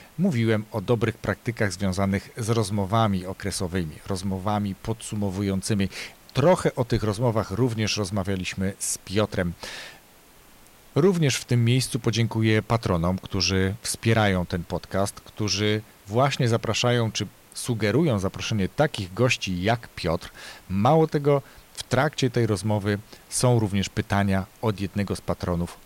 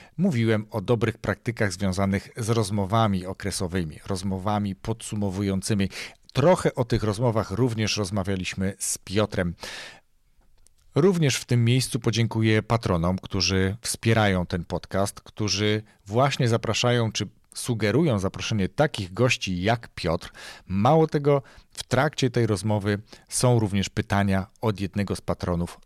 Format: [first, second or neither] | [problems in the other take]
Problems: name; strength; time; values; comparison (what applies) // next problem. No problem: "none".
second | hiss; faint; throughout; 25 dB below the speech